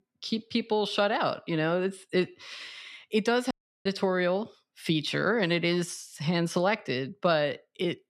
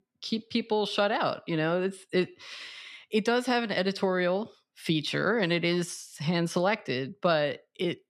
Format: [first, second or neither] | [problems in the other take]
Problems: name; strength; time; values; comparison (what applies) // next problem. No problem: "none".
second | audio cutting out; at 3.5 s